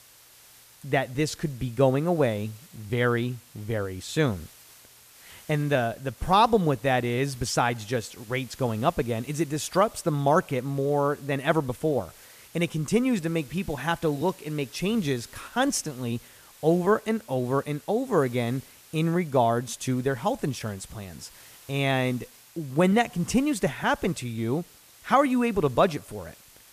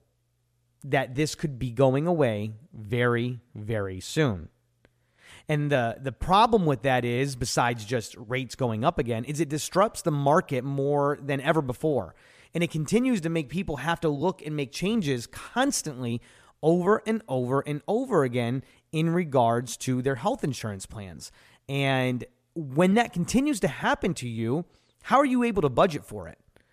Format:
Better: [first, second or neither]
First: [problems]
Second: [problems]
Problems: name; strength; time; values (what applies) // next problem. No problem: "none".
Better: second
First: hiss; faint; throughout; 25 dB below the speech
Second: none